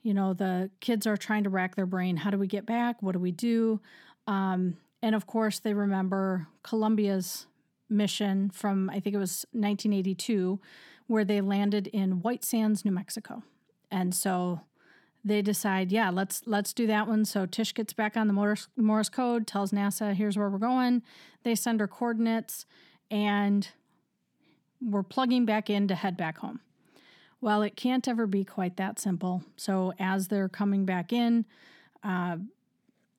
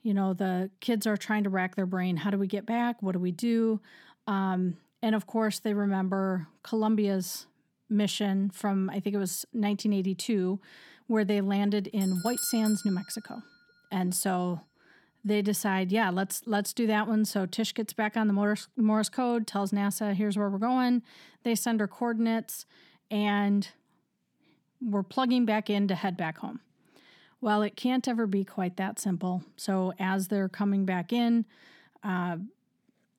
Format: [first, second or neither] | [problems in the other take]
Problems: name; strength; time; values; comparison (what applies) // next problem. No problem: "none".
first | doorbell; noticeable; at 12 s; peak 5 dB below the speech